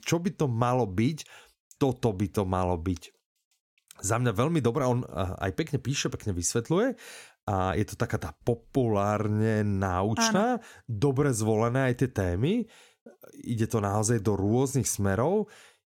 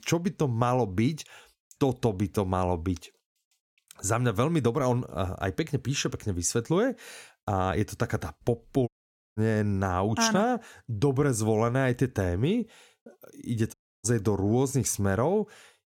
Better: first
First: none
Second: audio cutting out; at 9 s and at 14 s

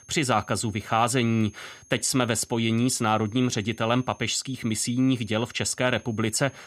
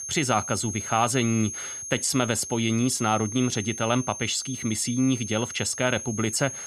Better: first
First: high-pitched whine; faint; throughout; 6.5 kHz, 25 dB below the speech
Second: high-pitched whine; loud; throughout; 6.5 kHz, 8 dB below the speech

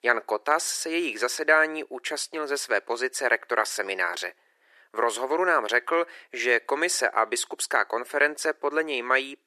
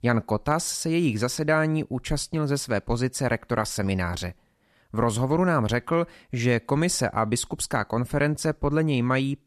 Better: second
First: thin; very; fading below 350 Hz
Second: none

